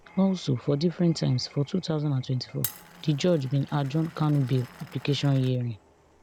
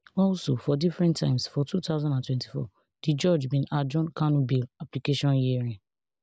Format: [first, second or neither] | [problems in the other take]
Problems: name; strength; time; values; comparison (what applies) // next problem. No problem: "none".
second | background sound (Glass); 19 dB below the speech